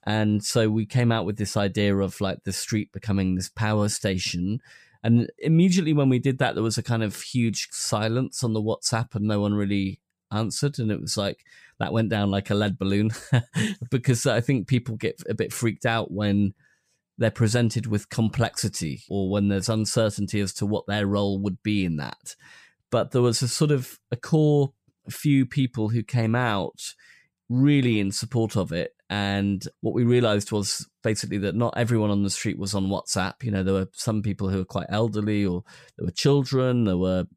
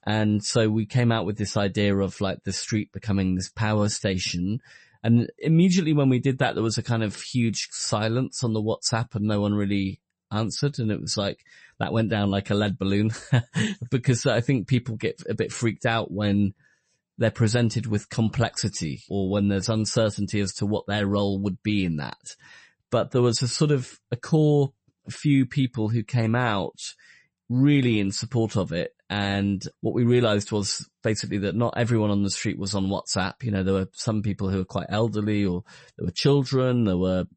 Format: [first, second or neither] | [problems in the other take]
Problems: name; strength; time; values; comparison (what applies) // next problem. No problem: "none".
first | garbled, watery; slightly; nothing above 8 kHz